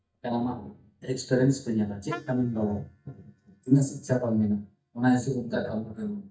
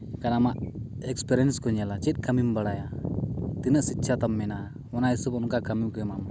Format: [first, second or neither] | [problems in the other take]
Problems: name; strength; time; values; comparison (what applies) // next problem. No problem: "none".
second | noise reduction (neural mask model DeepFilterNet 3)